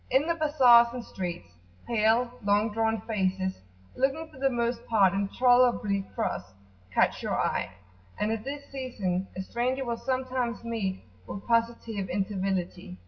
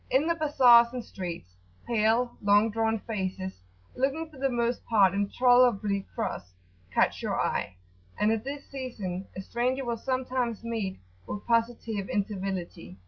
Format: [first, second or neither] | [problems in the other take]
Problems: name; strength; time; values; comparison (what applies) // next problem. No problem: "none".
second | room echo; dies away in 0.7 s